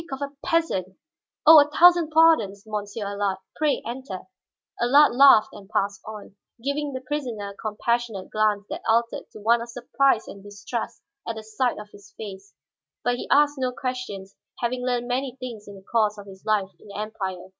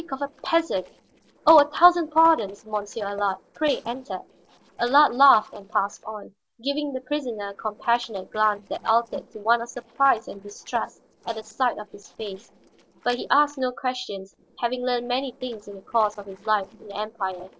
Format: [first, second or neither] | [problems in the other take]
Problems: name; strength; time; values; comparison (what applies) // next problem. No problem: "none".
first | noise reduction (neural separator model SepFormer DNS4)